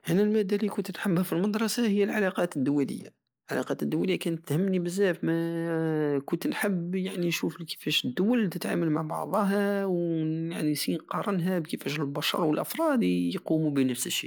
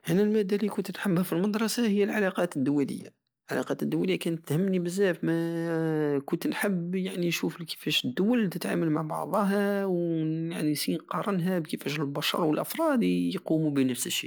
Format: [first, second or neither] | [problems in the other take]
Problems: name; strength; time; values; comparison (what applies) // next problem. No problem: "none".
second | noise reduction (neural mask model Resemble Enhance denoiser)